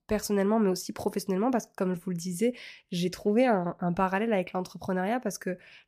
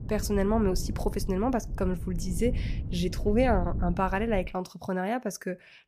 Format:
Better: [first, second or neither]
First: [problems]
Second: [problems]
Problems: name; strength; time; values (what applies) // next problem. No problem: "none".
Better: first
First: none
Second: wind noise on the microphone; occasional gusts; until 4.5 s; 15 dB below the speech